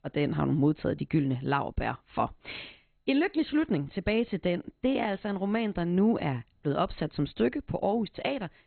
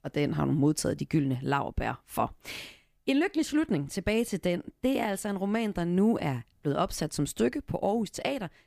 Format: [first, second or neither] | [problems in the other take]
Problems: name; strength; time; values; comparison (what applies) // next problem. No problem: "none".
second | garbled, watery; badly; nothing above 4 kHz